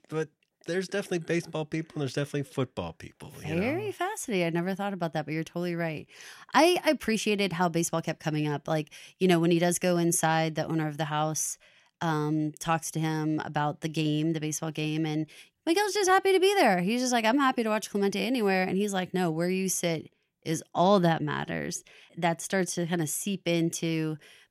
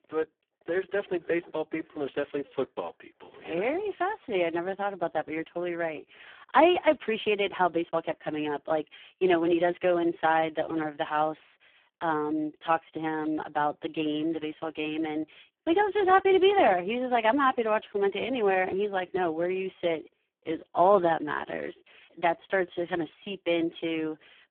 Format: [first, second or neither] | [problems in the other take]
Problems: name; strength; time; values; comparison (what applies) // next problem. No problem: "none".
first | phone-call audio; poor line